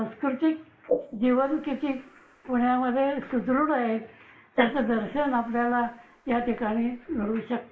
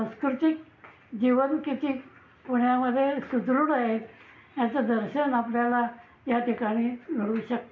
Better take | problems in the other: second | noise reduction (neural mask model Resemble Enhance denoiser)

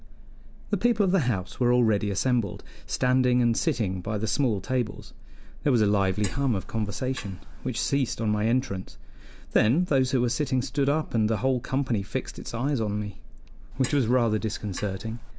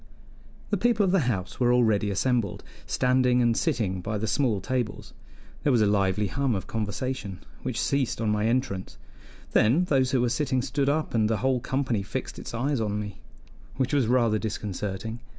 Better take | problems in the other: second | background sound (Clock); 18 dB below the speech

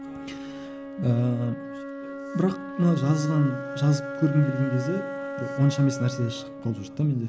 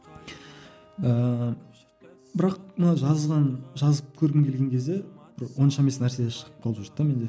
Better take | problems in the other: second | background sound (Wind instrument, woodwind instrument); 9 dB below the speech

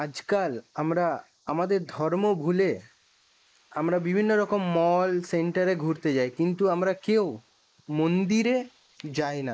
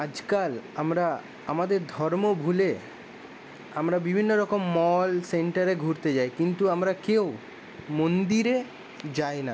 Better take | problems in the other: second | noise reduction (neural mask model Resemble Enhance denoiser)

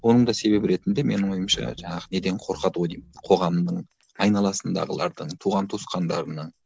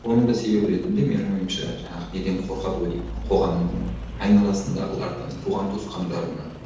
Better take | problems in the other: first | background sound (Rain); 12 dB below the speech // room echo; dies away in 0.8 s

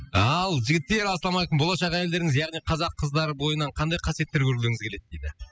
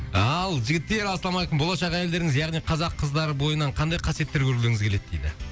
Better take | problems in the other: second | noise reduction (classical method spectral subtraction)

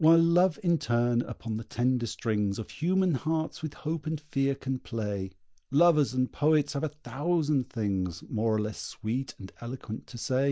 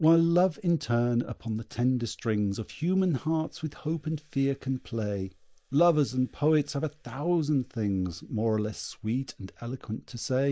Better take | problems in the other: first | noise reduction (neural mask model Resemble Enhance denoiser)

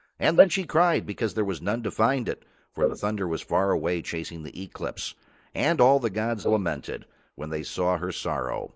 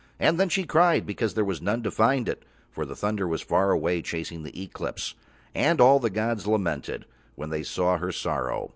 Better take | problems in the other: second | noise reduction (neural mask model Resemble Enhance denoiser)

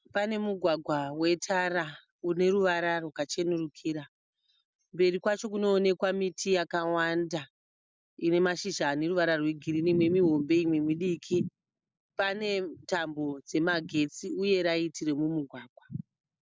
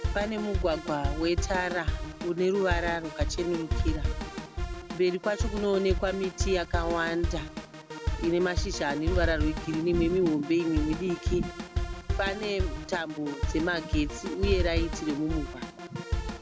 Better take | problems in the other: first | background sound (Drum kit); 2 dB below the speech

